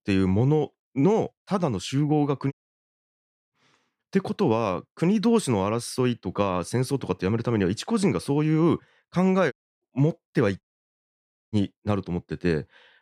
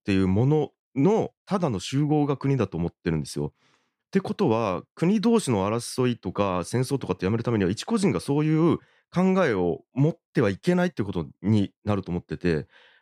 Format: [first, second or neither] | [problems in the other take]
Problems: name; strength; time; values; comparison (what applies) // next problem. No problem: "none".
second | audio cutting out; at 2.5 s for 1 s, at 9.5 s and at 11 s for 1 s